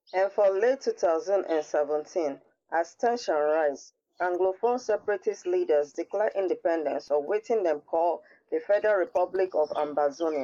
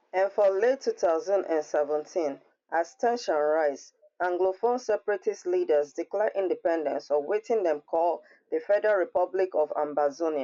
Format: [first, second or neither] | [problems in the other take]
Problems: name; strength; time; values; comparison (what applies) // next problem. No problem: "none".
second | noise reduction (neural mask model Resemble Enhance denoiser)